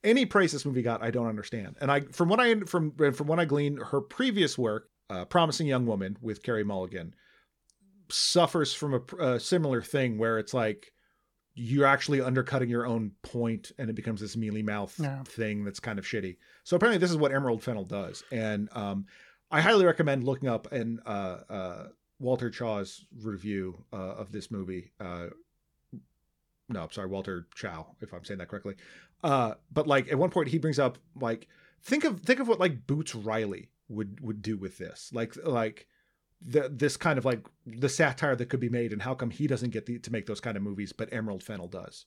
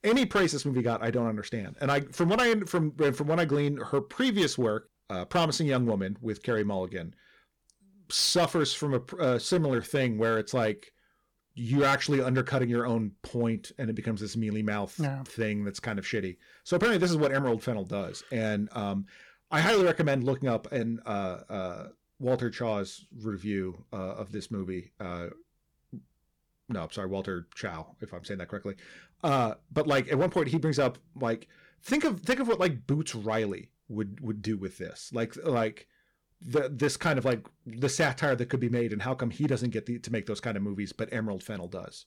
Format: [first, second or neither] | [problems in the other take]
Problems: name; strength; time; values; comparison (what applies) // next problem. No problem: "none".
first | distortion; slight; 4% of the sound clipped